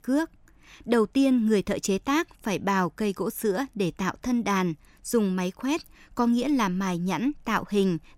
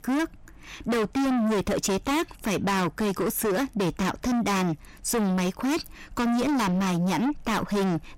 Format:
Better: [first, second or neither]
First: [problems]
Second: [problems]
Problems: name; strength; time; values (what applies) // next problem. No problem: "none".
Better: first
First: none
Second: distortion; heavy; 6 dB below the speech